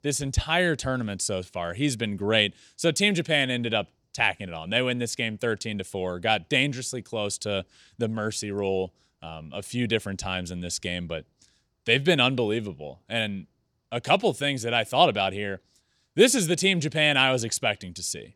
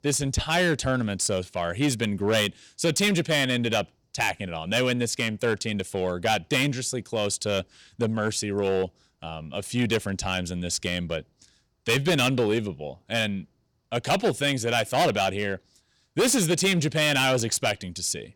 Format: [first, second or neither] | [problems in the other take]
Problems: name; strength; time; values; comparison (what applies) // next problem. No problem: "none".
first | distortion; heavy; 6% of the sound clipped